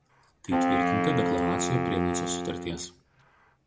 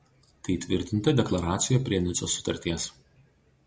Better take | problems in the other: second | background sound (Wind instrument, woodwind instrument); 4 dB above the speech

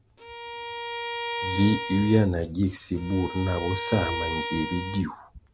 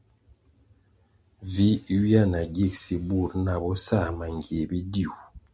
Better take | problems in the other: second | background sound (Bowed string instrument); 7 dB below the speech

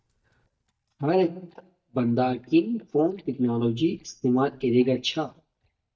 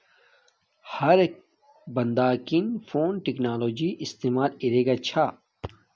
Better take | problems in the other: second | noise reduction (neural mask model DeepFilterNet 3)

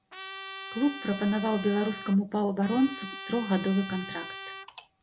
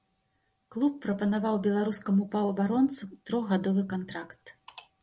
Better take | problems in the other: second | background sound (Trumpet); 12 dB below the speech

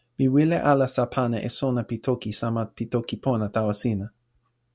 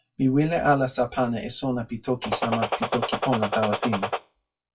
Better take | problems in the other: first | noise reduction (classical method WPE with log-MMSE)

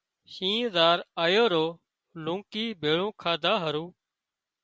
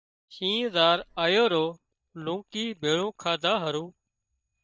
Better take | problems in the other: first | noise reduction (neural mask model DeepFilterNet 3)

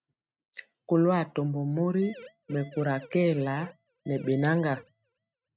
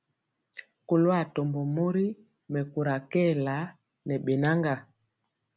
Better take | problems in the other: second | noise reduction (neural mask model RNNoise)

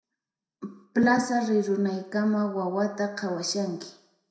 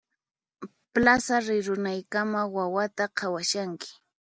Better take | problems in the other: second | room echo; dies away in 0.6 s

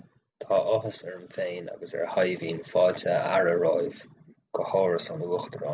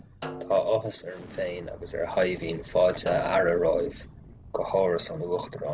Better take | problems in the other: first | background sound (Explosion + Snare drum); 16 dB below the speech

